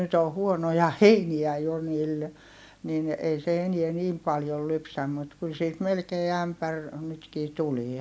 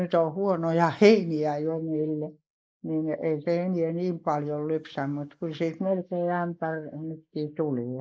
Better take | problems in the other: first | noise reduction (neural mask model Resemble Enhance denoiser)

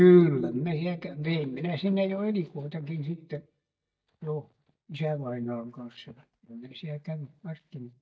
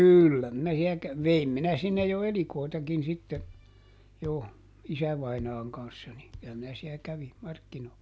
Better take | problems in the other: second | noise reduction (neural mask model DeepFilterNet 3)

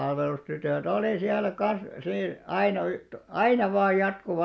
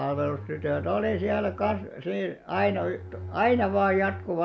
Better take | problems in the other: first | background sound (Bowed string instrument); 12 dB below the speech

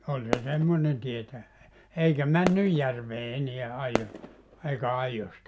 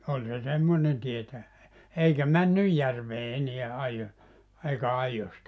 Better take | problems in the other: second | background sound (Fireworks); 9 dB below the speech

